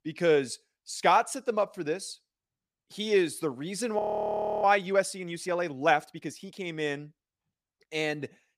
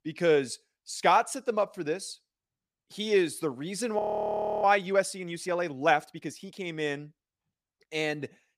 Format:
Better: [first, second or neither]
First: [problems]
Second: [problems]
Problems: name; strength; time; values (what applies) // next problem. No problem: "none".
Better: neither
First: audio freezing; at 4 s for 0.5 s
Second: audio freezing; at 4 s for 0.5 s